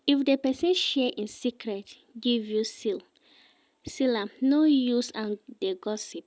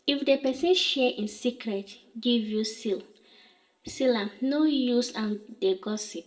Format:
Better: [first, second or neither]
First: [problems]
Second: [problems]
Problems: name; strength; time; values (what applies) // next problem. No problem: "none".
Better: first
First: none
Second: room echo; dies away in 0.4 s